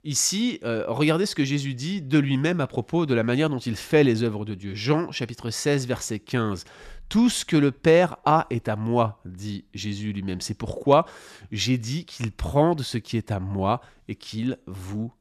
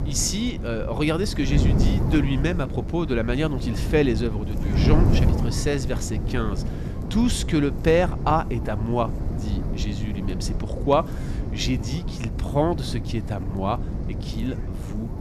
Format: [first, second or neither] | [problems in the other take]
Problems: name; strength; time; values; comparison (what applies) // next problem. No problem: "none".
first | wind noise on the microphone; heavy; 9 dB below the speech